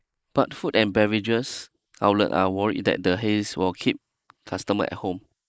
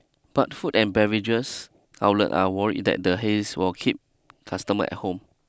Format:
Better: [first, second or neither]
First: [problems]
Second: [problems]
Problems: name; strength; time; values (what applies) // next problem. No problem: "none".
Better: second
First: noise reduction (neural mask model Resemble Enhance denoiser)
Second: none